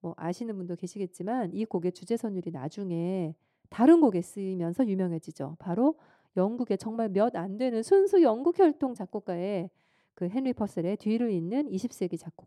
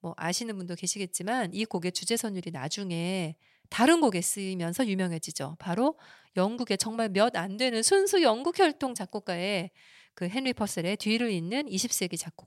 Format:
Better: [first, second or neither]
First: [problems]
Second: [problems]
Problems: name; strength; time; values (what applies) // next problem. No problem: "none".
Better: second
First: muffled; very; fading above 1.5 kHz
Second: none